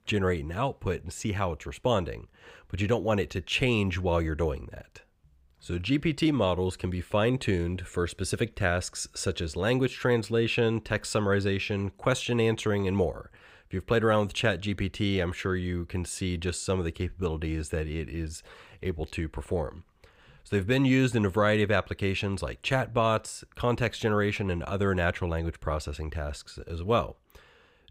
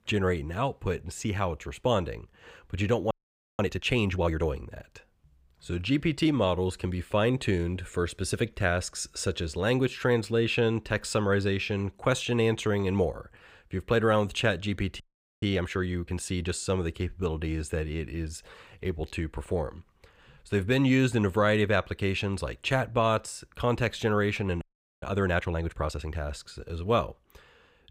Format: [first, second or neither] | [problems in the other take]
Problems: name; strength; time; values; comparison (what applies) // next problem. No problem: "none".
first | audio freezing; at 3 s, at 15 s and at 25 s